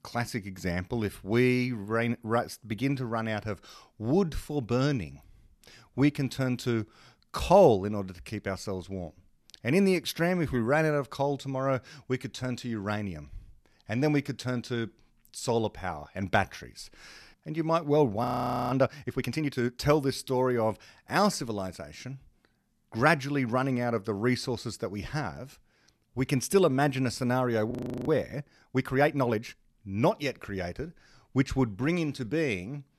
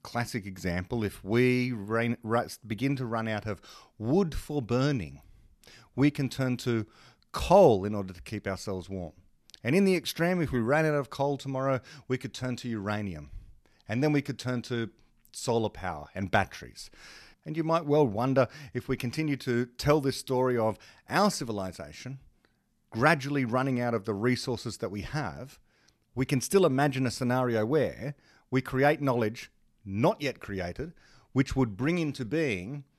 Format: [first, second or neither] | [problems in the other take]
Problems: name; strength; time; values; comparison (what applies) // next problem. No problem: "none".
second | audio freezing; at 18 s and at 28 s